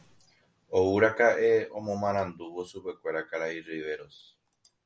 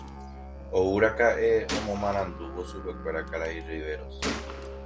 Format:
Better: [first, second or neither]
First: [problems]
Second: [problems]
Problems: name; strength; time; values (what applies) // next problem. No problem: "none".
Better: first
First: none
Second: background sound (Gunshot, gunfire + Musical instrument); 8 dB below the speech